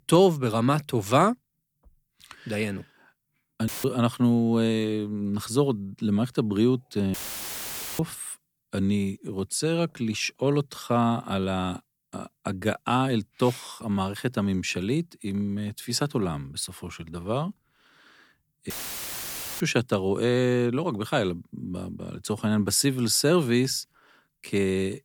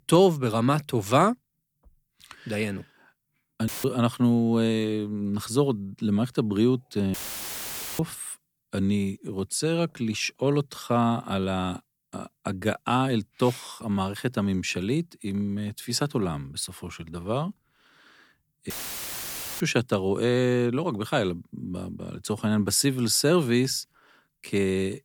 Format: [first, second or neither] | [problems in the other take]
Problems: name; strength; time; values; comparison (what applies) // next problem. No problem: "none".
neither | audio cutting out; filled with static; at 3.5 s, at 7 s for 1 s and at 19 s for 1 s; the same in both